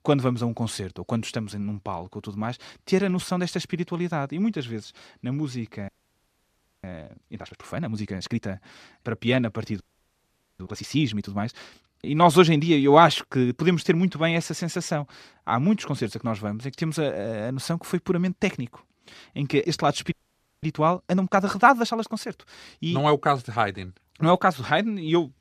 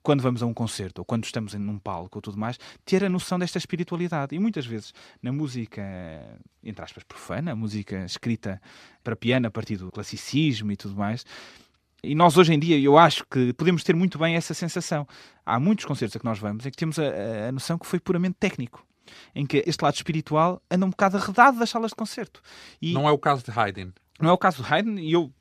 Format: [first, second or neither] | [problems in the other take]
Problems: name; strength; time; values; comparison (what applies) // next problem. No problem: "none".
second | audio freezing; at 6 s for 1 s, at 10 s for 1 s and at 20 s for 0.5 s